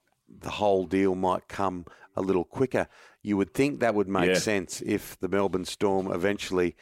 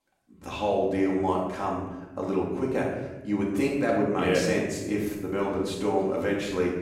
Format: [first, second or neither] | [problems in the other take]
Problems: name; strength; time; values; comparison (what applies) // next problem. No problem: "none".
first | off-mic speech; far // room echo; noticeable; dies away in 1.2 s